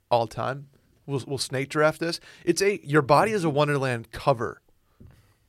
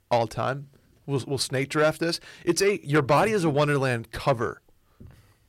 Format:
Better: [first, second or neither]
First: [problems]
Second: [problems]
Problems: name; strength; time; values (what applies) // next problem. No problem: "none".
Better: first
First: none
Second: distortion; slight; 10 dB below the speech